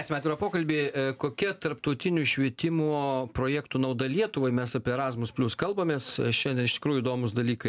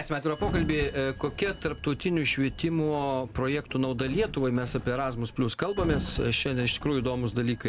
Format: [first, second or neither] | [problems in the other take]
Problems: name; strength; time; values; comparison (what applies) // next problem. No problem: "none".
first | background sound (Sliding door); 10 dB below the speech